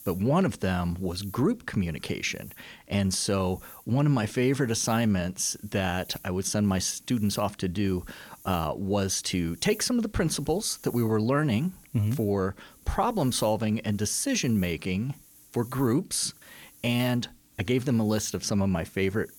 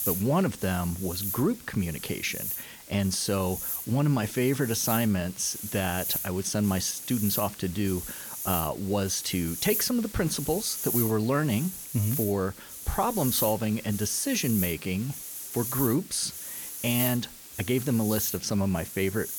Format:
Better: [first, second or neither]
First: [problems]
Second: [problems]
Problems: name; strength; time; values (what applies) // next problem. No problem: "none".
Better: first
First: hiss; faint; throughout; 20 dB below the speech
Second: hiss; loud; throughout; 5 dB below the speech